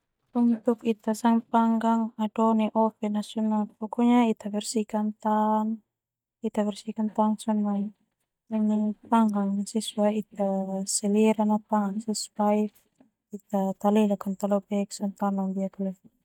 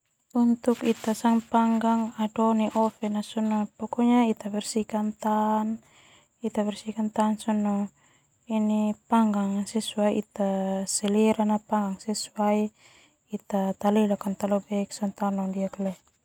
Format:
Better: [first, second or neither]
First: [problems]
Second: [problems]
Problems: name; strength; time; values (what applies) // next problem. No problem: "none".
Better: second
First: noise reduction (neural mask model DeepFilterNet 3)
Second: none